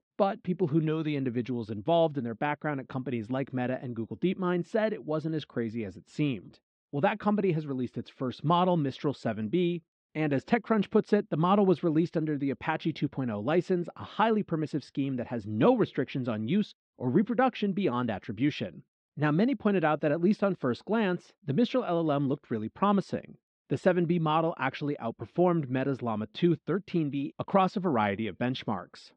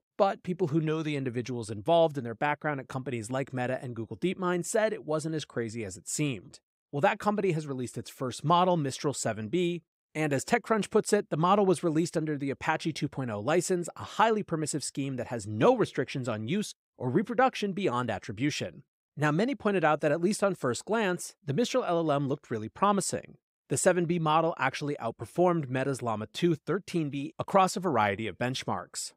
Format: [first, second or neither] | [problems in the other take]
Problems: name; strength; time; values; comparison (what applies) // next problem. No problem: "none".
second | muffled; slightly; fading above 4 kHz